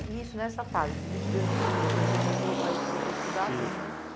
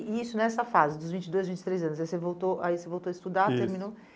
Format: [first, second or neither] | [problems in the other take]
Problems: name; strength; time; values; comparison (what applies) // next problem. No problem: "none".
second | background sound (Motor vehicle (road)); 5 dB above the speech